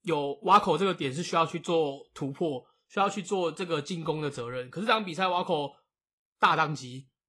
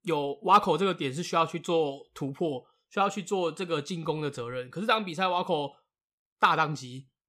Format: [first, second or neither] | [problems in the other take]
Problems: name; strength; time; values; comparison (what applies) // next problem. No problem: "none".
second | garbled, watery; slightly; nothing above 11.5 kHz